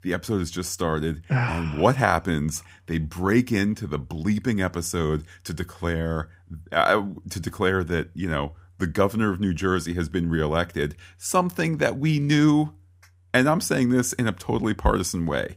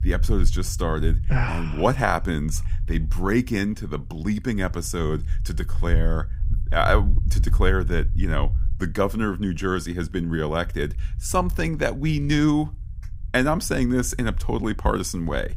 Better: first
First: none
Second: low rumble; faint; throughout; 20 dB below the speech

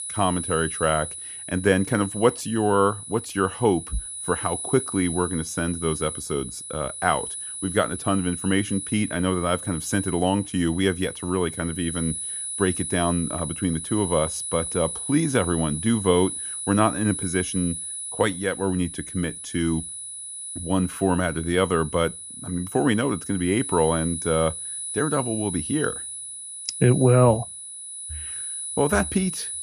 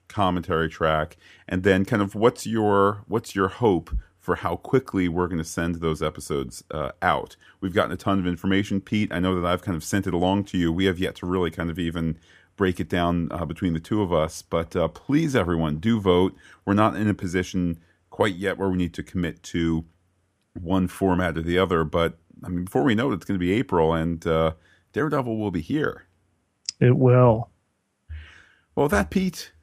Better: second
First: high-pitched whine; loud; throughout; 10 kHz, 6 dB below the speech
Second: none

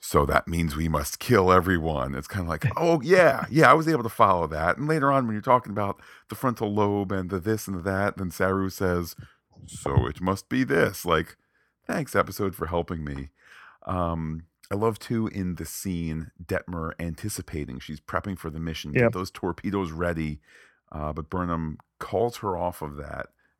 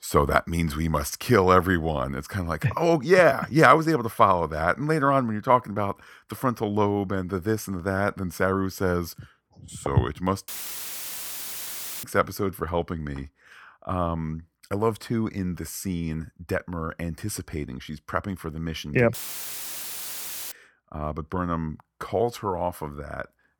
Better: first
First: none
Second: audio cutting out; filled with static; at 10 s for 1.5 s and at 19 s for 1.5 s

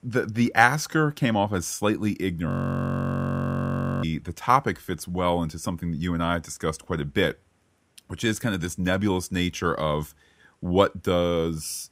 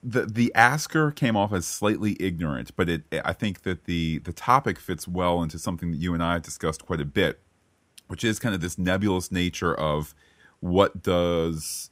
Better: second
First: audio freezing; at 2.5 s for 1.5 s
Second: none

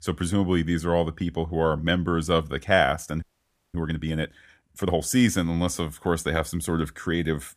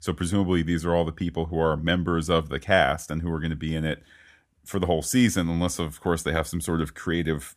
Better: second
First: audio freezing; at 3 s for 0.5 s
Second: none

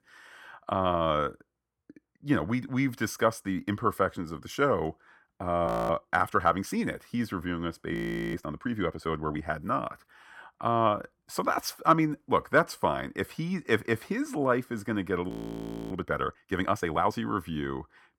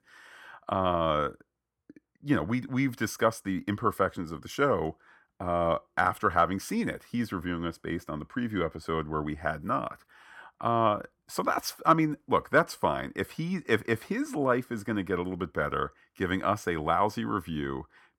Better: second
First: audio freezing; at 5.5 s, at 8 s and at 15 s for 0.5 s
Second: none

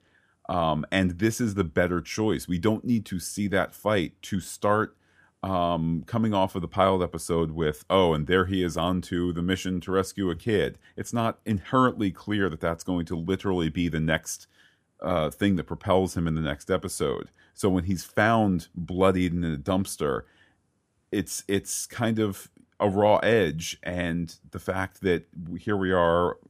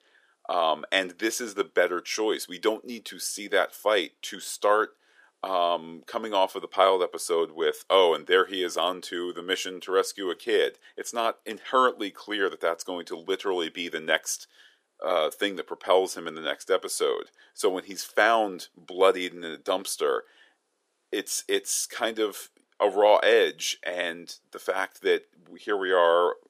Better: first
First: none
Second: thin; very; fading below 400 Hz

